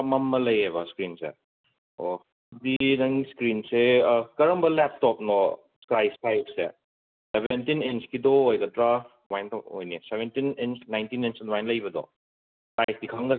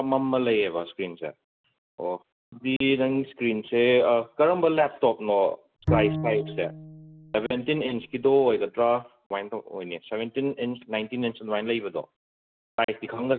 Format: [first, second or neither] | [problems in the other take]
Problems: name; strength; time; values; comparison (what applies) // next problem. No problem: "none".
first | background sound (Bowed string instrument); 6 dB below the speech